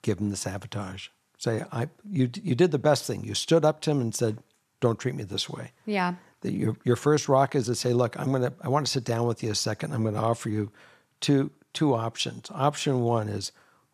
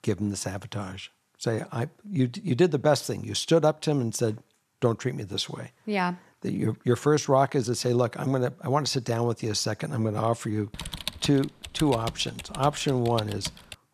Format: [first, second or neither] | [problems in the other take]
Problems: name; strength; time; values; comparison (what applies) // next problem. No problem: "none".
first | keyboard typing; noticeable; from 11 s on; peak 7 dB below the speech